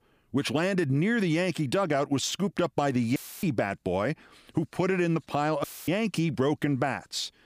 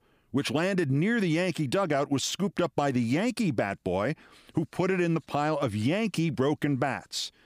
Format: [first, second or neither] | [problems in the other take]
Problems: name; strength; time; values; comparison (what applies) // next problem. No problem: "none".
second | audio cutting out; filled with static; at 3 s and at 5.5 s